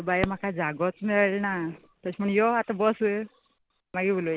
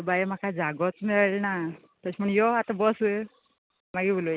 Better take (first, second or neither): second